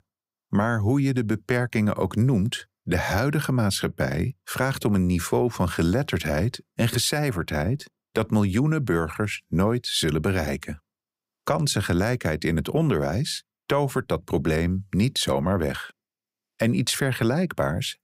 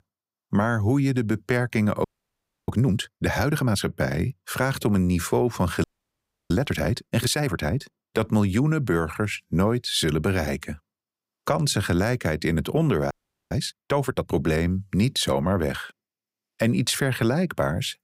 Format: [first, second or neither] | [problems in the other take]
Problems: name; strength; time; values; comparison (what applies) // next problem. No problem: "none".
first | audio freezing; at 2 s for 0.5 s, at 6 s for 0.5 s and at 13 s